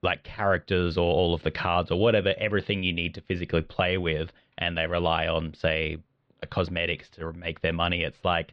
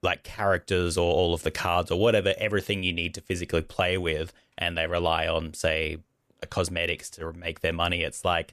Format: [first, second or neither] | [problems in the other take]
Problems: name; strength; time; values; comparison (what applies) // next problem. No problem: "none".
second | muffled; slightly; fading above 4 kHz